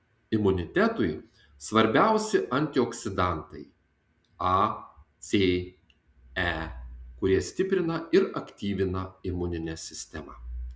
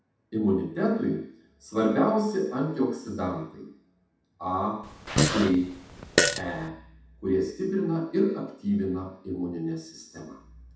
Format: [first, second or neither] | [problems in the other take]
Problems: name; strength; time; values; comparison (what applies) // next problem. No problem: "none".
first | background sound (Fart); 2 dB above the speech // room echo; dies away in 0.7 s